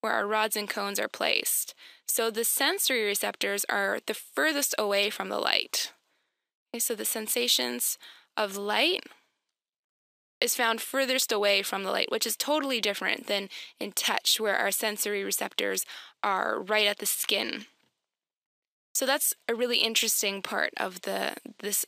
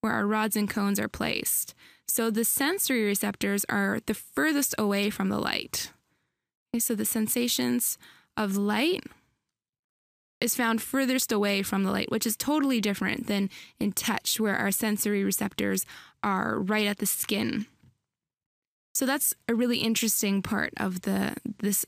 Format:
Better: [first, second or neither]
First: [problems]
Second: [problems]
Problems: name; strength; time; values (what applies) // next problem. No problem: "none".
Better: second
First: thin; somewhat; fading below 450 Hz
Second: none